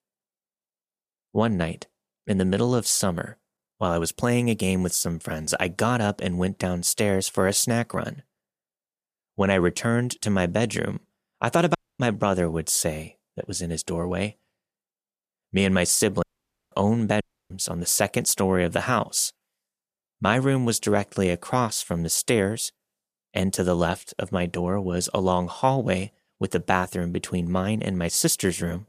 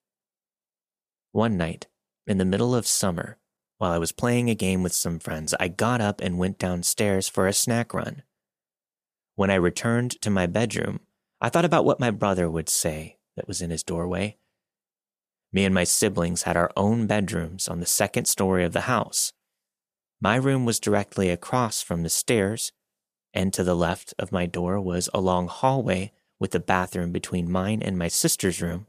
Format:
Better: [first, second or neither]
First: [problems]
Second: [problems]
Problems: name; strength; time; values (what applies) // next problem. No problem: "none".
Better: second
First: audio cutting out; at 12 s, at 16 s and at 17 s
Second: none